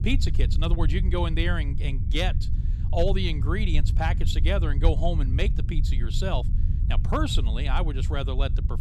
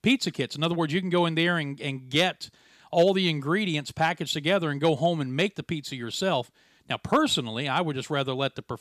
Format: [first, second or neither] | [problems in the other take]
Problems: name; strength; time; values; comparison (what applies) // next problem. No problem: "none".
second | low rumble; noticeable; throughout; 10 dB below the speech